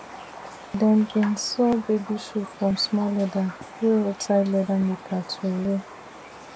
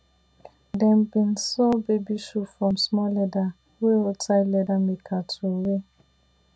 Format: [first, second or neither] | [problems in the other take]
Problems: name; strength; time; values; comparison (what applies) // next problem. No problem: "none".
second | background sound (Raindrop); 16 dB below the speech